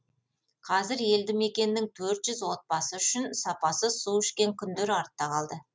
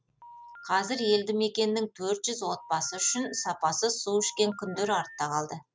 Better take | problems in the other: first | background sound (Telephone); 19 dB below the speech

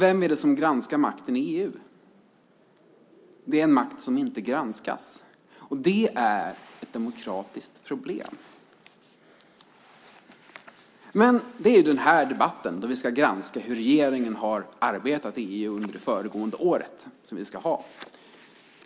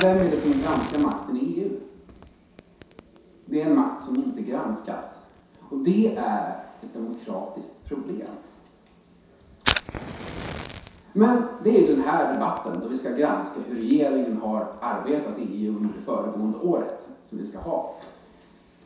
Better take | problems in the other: first | background sound (Fire); 14 dB below the speech // room echo; dies away in 0.7 s

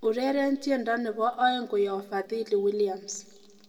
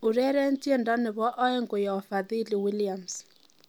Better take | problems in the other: second | room echo; dies away in 1 s

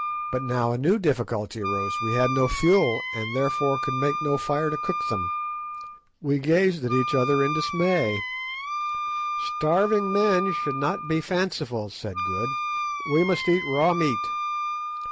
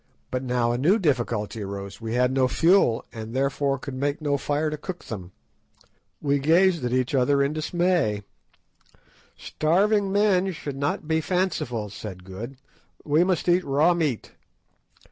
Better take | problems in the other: second | background sound (Wind instrument, woodwind instrument); 4 dB below the speech

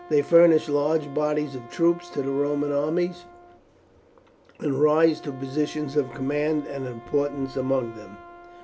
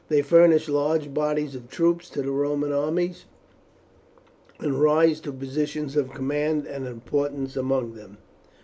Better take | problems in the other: second | background sound (Wind instrument, woodwind instrument); 20 dB below the speech

